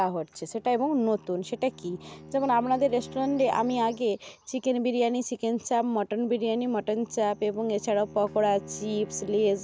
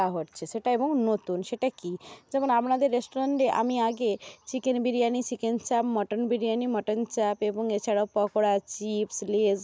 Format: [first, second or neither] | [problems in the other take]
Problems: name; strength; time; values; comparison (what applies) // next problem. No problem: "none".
second | background sound (Bowed string instrument); 20 dB below the speech